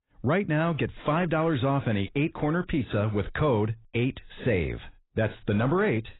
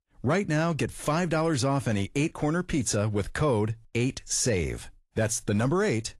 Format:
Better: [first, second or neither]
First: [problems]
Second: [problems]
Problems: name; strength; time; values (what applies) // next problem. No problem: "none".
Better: second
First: garbled, watery; badly; nothing above 4 kHz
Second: garbled, watery; slightly; nothing above 11 kHz